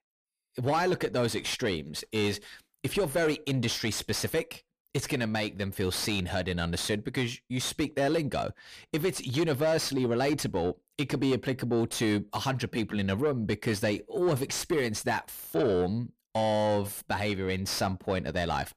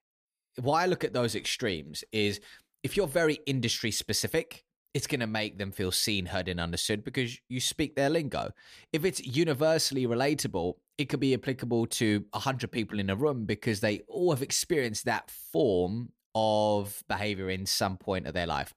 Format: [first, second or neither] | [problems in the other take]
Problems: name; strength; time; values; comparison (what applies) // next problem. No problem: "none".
second | distortion; slight; 10 dB below the speech